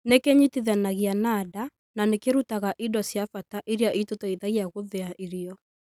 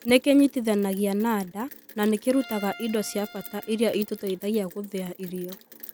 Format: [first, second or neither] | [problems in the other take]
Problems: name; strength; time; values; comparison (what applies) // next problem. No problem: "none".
first | background sound (Rain + Bowed string instrument); 19 dB below the speech